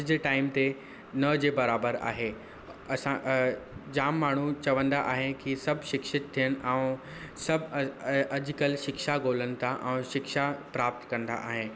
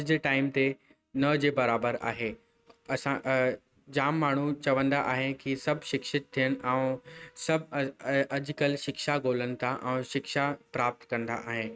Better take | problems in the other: first | noise reduction (neural mask model RNNoise)

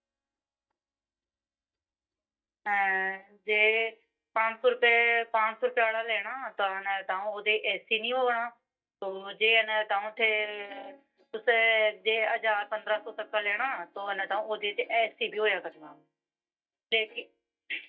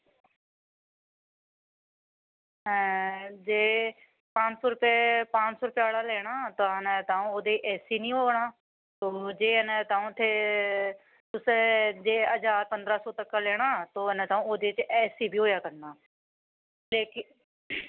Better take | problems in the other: second | noise reduction (neural mask model DeepFilterNet 3)

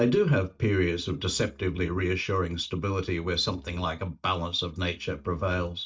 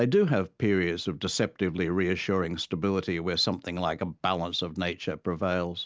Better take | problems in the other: second | noise reduction (neural mask model DeepFilterNet 3)

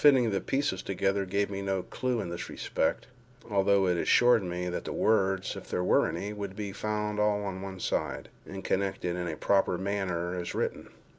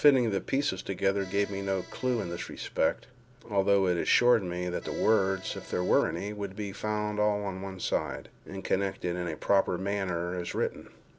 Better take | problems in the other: first | background sound (Accordion); 19 dB below the speech

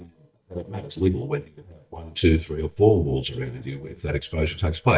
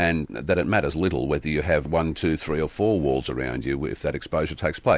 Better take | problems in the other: second | noise reduction (neural mask model DeepFilterNet 3)

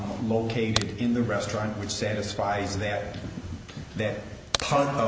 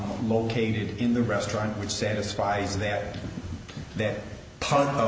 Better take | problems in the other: second | background sound (Crack); 5 dB below the speech

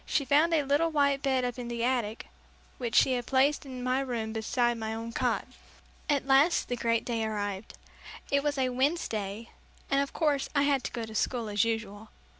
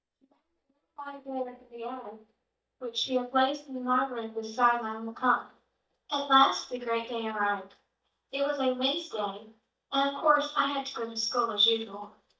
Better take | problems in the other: first | noise reduction (neural mask model DeepFilterNet 3)

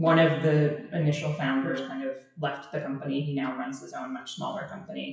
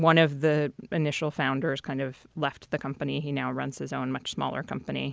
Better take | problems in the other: second | noise reduction (classical method WPE with log-MMSE)

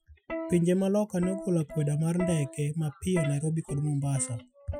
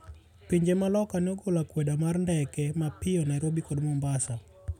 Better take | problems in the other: second | noise reduction (classical method Wiener filter)

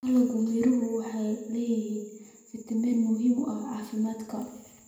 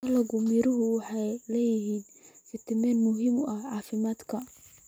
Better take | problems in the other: second | room echo; dies away in 1 s

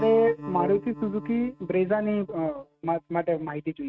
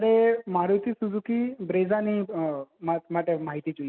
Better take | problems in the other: second | noise reduction (neural mask model RNNoise)

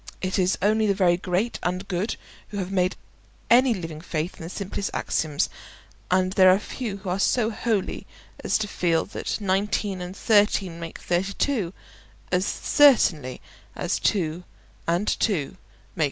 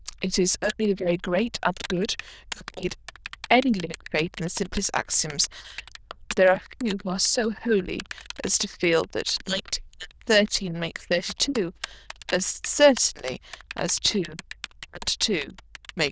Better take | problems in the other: first | noise reduction (neural diffusion model UNIVERSE++)

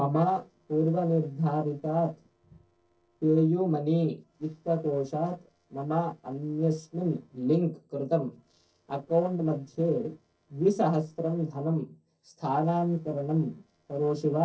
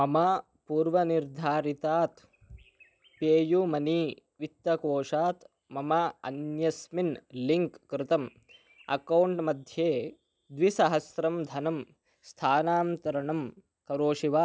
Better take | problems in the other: second | noise reduction (neural separator model SepFormer DNS4)

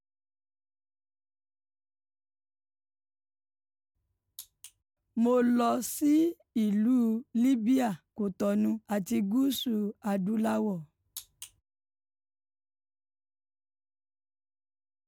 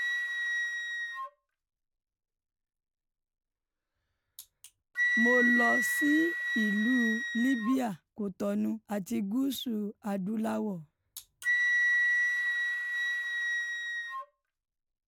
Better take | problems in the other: first | background sound (Wind instrument, woodwind instrument); 1 dB above the speech

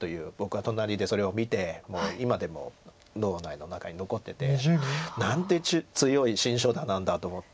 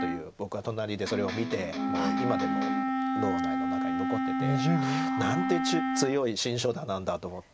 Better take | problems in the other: first | background sound (Electric guitar + Wind instrument, woodwind instrument); 1 dB above the speech

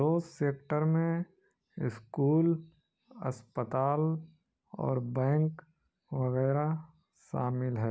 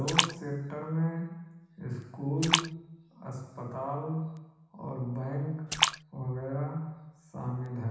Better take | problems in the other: first | background sound (Splash, splatter); 1 dB below the speech // room echo; dies away in 1.1 s

